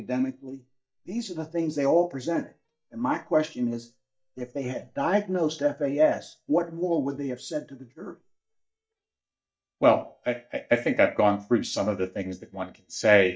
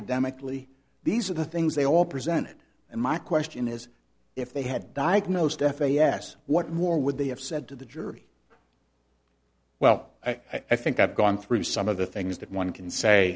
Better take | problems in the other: second | noise reduction (neural mask model DeepFilterNet 3)

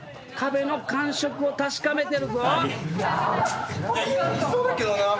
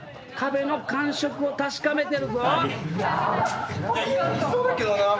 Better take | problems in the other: first | room echo; dies away in 1.1 s

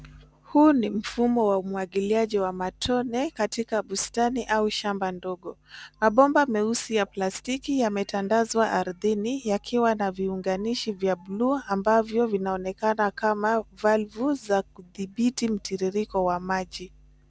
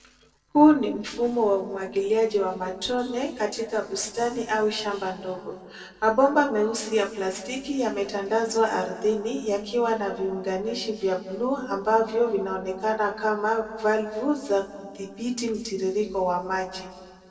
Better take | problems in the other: first | noise reduction (neural separator model SepFormer DNS4)

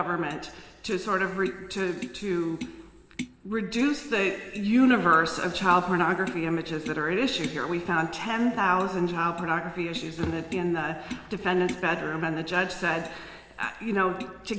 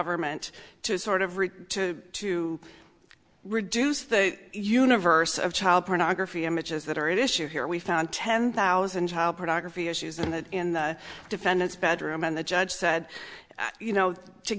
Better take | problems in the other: second | background sound (Tap); 17 dB below the speech // room echo; dies away in 3 s

